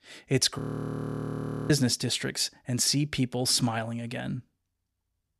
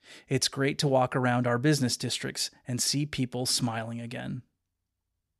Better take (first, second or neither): second